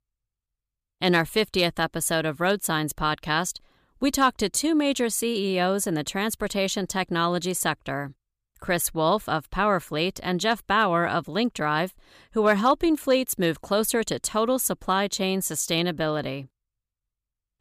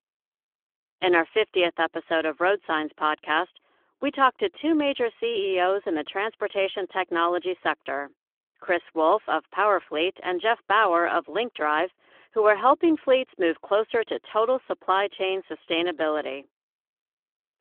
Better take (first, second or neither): first